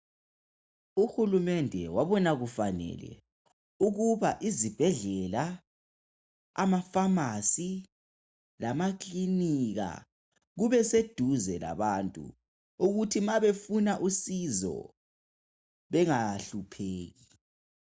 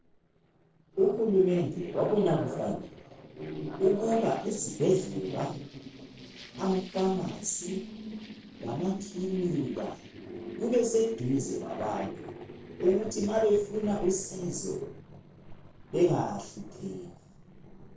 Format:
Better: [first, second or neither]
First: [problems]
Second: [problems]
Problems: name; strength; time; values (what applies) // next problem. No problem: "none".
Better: first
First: none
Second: noise reduction (neural separator model SepFormer DNS4)